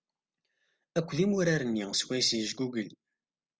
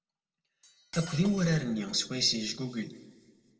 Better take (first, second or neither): first